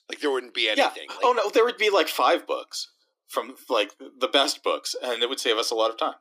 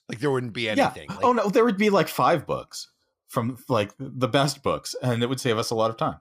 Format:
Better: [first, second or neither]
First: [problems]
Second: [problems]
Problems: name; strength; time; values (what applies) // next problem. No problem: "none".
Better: second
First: thin; somewhat; fading below 300 Hz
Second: none